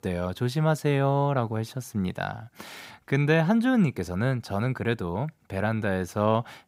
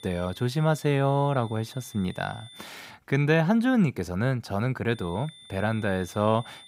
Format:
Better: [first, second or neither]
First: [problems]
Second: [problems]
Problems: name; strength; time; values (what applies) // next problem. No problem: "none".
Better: first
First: none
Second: high-pitched whine; faint; until 2.5 s and from 5 s on; 3.5 kHz, 20 dB below the speech